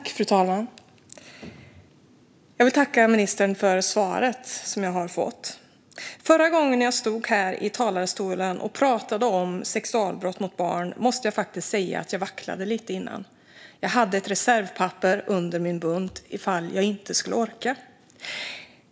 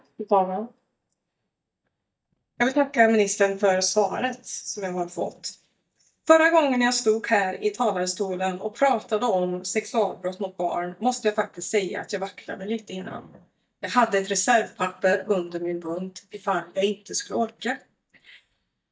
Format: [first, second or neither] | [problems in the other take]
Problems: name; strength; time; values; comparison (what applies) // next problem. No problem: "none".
first | noise reduction (neural mask model DeepFilterNet 3)